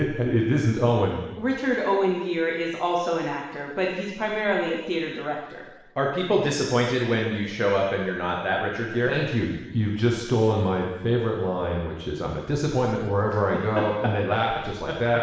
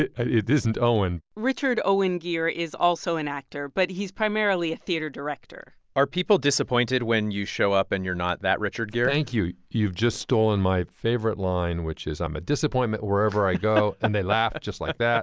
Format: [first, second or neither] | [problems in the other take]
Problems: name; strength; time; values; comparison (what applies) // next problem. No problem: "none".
second | room echo; dies away in 1.1 s